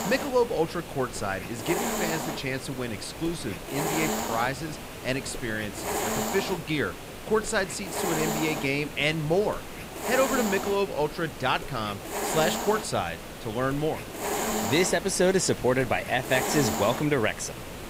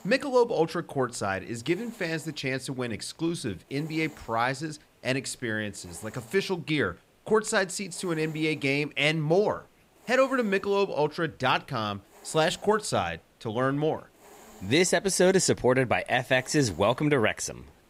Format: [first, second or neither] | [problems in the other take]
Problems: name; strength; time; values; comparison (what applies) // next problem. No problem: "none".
second | hiss; loud; throughout; 5 dB below the speech; faint in the second